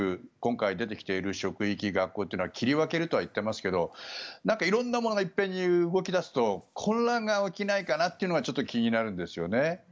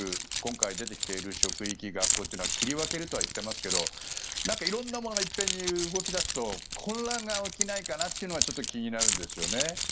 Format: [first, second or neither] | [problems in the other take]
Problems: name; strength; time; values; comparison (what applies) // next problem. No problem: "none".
first | background sound (Keys jangling); 3 dB above the speech